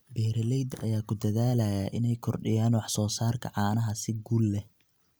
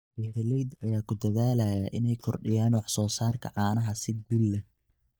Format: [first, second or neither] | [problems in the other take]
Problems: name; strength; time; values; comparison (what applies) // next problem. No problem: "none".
first | noise reduction (neural mask model DeepFilterNet 3)